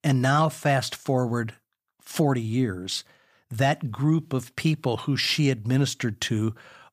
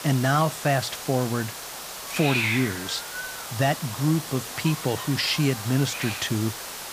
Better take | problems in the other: first | hiss; loud; throughout; 6 dB below the speech

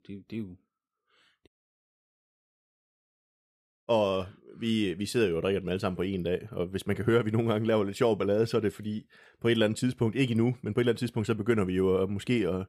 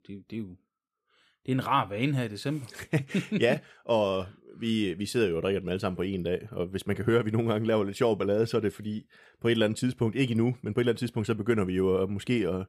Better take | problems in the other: second | audio cutting out; at 1.5 s for 2.5 s

